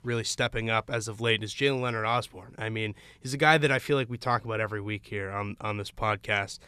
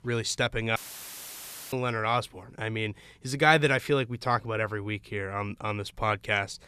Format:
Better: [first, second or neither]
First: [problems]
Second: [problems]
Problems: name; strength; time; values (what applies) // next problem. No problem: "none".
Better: first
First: none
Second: audio cutting out; filled with static; at 1 s for 1 s